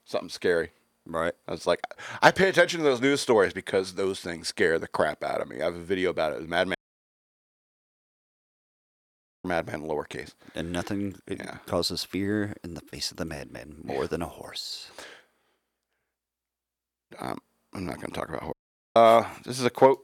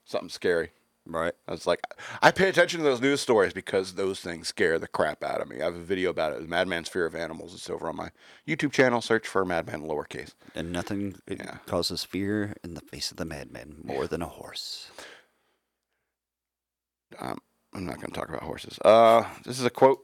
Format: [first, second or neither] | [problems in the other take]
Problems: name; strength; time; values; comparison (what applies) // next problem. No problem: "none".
second | audio cutting out; at 7 s for 2.5 s and at 19 s